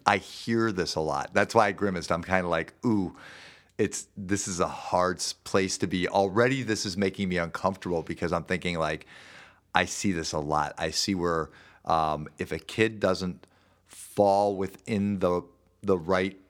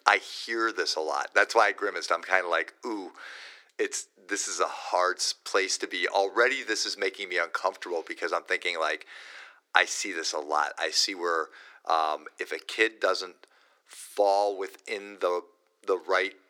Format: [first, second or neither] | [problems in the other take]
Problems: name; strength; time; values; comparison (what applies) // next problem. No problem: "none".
first | thin; very; fading below 350 Hz